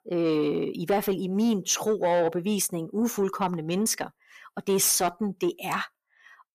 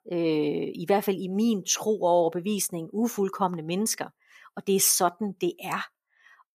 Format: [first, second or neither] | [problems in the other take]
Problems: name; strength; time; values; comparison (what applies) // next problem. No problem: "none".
second | distortion; slight; 10 dB below the speech